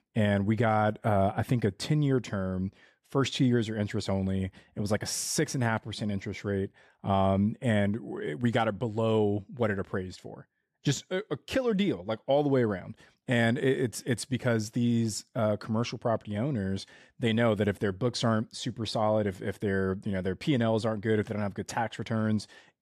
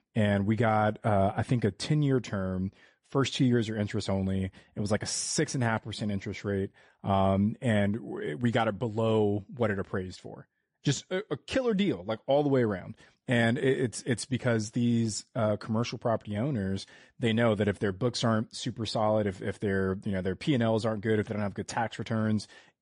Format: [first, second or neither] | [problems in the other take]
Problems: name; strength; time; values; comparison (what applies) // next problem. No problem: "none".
first | garbled, watery; slightly; nothing above 10.5 kHz